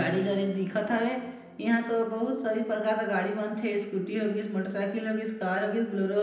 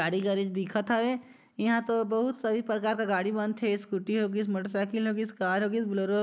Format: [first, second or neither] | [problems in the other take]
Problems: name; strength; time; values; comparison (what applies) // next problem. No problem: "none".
second | background sound (Acoustic guitar / Strum); 19 dB below the speech // room echo; dies away in 0.9 s